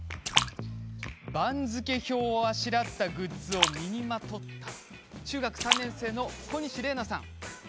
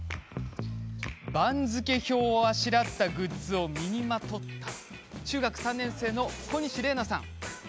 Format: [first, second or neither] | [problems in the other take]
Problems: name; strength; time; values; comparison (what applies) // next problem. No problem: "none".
second | background sound (Splash, splatter); 3 dB below the speech